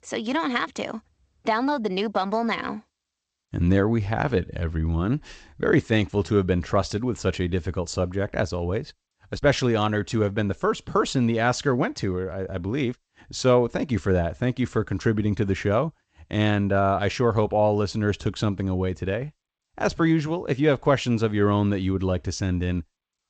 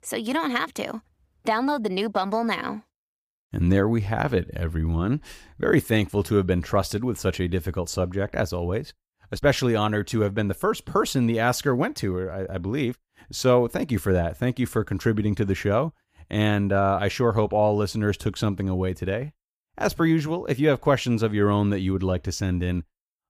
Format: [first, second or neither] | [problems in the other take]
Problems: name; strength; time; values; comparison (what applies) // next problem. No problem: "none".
second | garbled, watery; slightly; nothing above 8 kHz